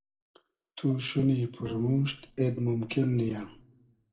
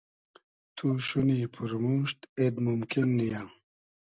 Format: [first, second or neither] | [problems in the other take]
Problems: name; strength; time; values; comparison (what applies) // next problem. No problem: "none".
second | noise reduction (neural separator model SepFormer DNS4)